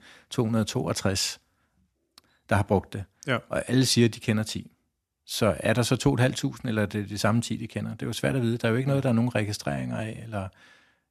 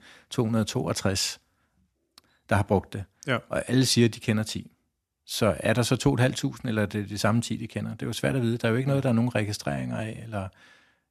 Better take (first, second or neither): neither